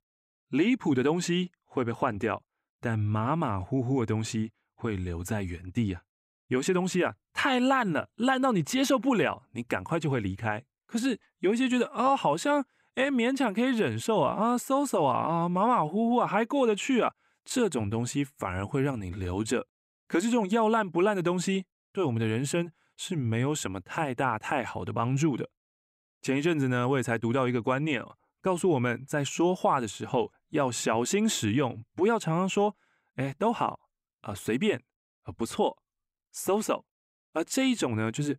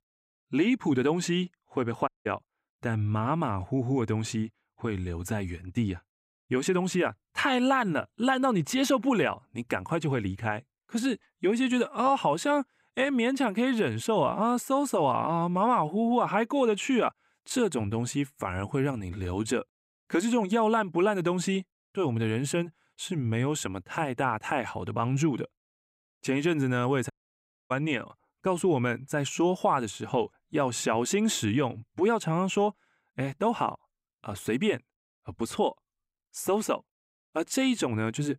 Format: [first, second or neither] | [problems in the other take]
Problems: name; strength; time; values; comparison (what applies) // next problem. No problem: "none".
first | audio cutting out; at 2 s and at 27 s for 0.5 s